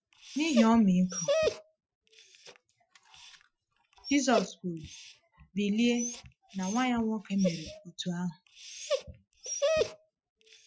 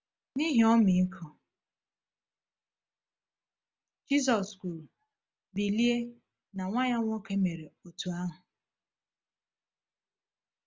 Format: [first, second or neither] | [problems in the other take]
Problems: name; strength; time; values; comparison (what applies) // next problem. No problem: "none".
second | noise reduction (classical method Wiener filter)